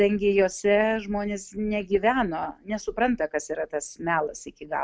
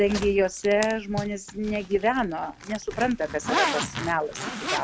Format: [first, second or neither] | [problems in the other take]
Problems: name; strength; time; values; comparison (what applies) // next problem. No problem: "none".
first | background sound (Zipper (clothing)); 6 dB below the speech